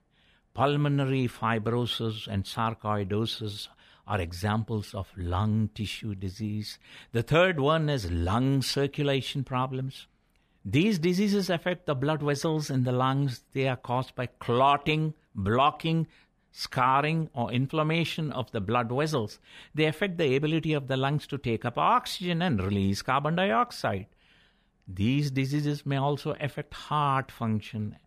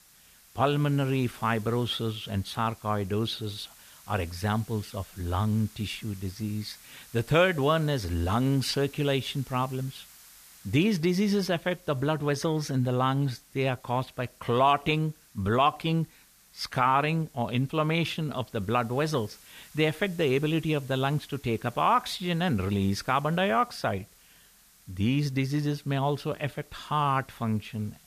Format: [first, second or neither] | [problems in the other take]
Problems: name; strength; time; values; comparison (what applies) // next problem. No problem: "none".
first | hiss; faint; throughout; 25 dB below the speech